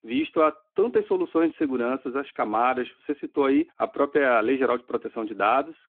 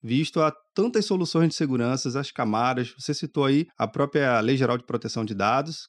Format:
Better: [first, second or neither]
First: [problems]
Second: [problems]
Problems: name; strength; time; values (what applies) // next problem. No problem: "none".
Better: second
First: phone-call audio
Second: none